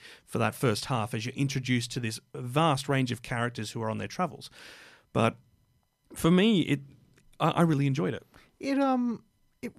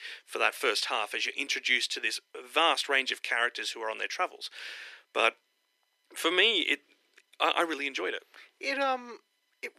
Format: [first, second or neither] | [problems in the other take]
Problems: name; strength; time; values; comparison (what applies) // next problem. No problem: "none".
first | thin; very; fading below 350 Hz